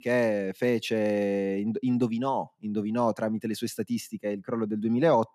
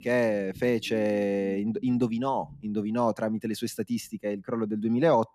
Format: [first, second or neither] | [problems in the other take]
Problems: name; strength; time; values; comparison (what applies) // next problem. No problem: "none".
first | low rumble; faint; throughout; 25 dB below the speech